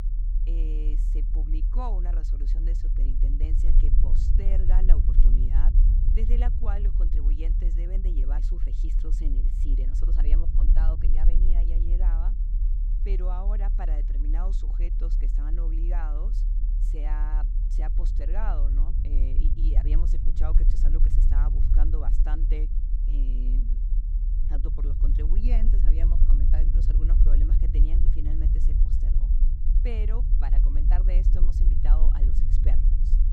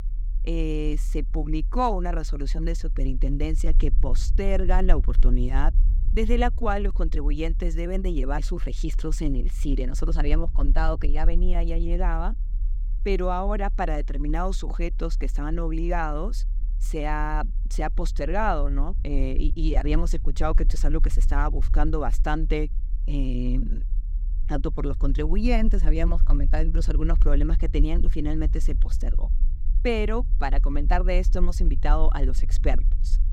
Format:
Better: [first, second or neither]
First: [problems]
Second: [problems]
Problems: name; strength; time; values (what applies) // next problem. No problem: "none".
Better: second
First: low rumble; loud; throughout; 4 dB below the speech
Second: low rumble; faint; throughout; 20 dB below the speech